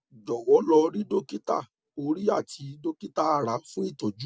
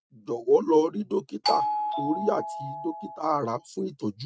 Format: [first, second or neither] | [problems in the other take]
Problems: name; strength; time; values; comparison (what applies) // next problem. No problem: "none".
first | noise reduction (neural mask model RNNoise)